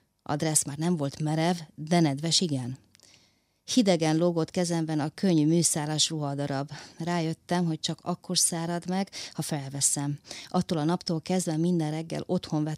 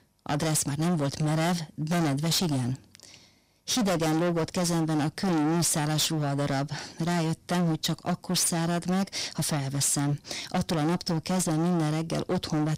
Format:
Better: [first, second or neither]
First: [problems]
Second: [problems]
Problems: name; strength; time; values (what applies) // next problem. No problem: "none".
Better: first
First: none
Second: distortion; heavy; 27% of the sound clipped